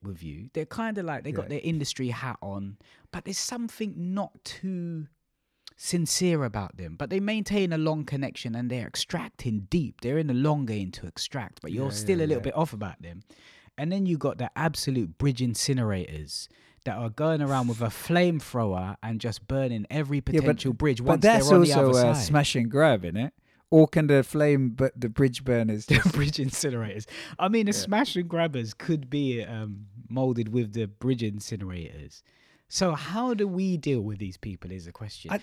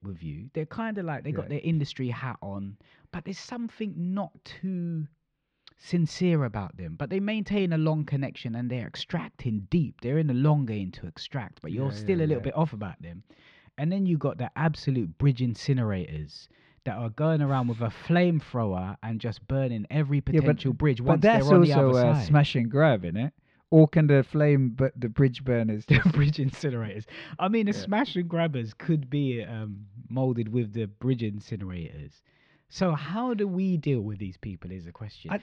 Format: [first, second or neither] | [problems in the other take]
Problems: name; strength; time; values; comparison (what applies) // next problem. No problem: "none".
first | muffled; slightly; fading above 3.5 kHz